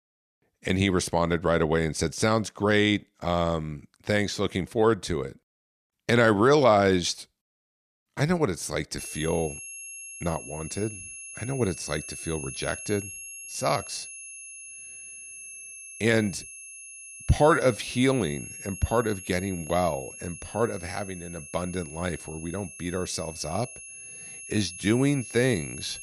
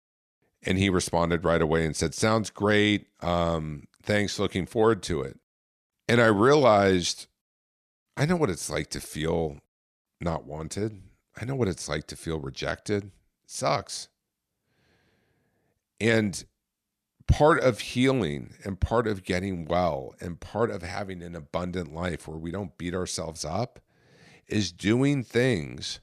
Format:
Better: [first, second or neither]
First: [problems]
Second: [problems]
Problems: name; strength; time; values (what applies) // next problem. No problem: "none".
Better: second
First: high-pitched whine; noticeable; from 9 s on; 11 kHz, 10 dB below the speech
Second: none